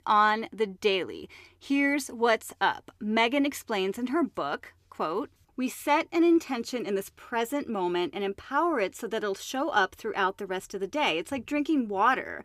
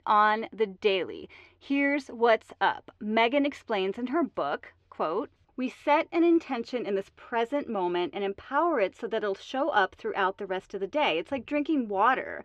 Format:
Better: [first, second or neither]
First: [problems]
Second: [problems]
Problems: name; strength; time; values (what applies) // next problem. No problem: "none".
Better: first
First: none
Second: muffled; slightly; fading above 3 kHz